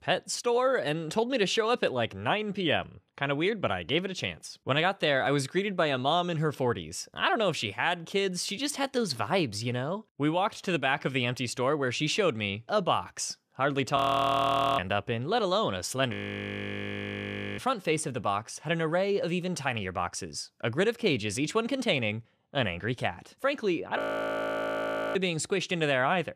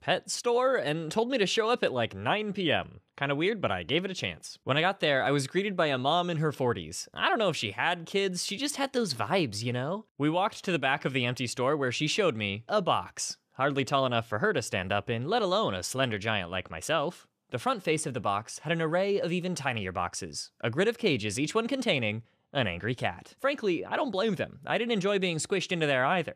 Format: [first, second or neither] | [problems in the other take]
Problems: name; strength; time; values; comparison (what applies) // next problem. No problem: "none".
second | audio freezing; at 14 s for 1 s, at 16 s for 1.5 s and at 24 s for 1 s